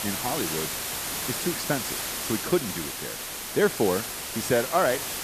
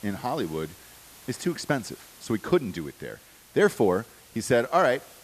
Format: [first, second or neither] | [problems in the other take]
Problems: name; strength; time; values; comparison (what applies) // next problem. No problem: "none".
second | hiss; loud; throughout; 2 dB below the speech; faint in the second